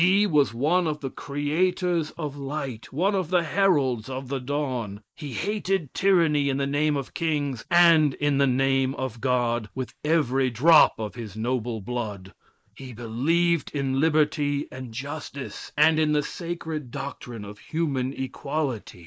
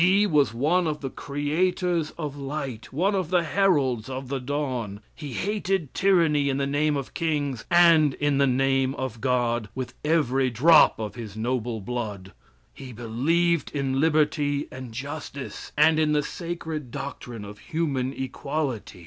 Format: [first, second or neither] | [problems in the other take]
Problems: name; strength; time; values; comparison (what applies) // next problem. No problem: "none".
second | noise reduction (neural mask model Resemble Enhance denoiser)